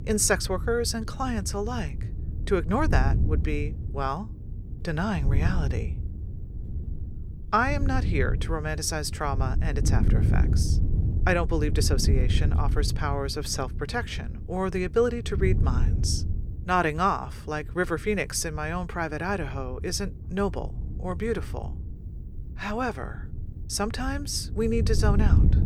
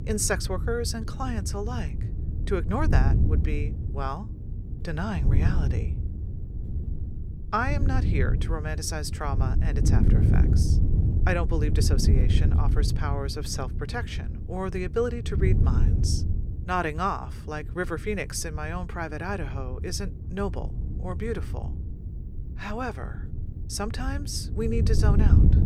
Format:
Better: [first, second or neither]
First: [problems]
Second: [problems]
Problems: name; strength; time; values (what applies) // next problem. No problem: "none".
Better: first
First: wind noise on the microphone; occasional gusts; 15 dB below the speech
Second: wind noise on the microphone; heavy; 8 dB below the speech